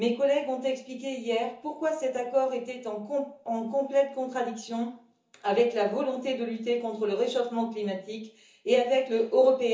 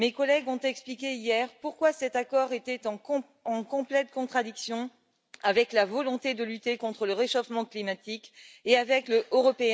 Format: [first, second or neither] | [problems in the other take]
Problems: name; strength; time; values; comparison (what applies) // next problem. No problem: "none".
second | room echo; dies away in 0.8 s